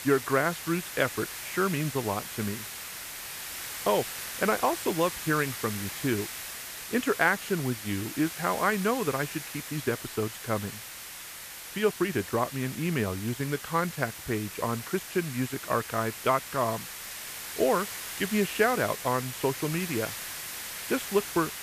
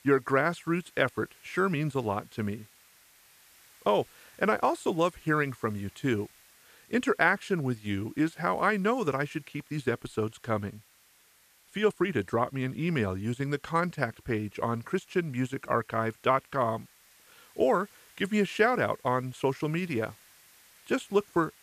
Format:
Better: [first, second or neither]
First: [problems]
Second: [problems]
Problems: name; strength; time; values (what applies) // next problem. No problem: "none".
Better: second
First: hiss; loud; throughout; 7 dB below the speech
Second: hiss; faint; throughout; 25 dB below the speech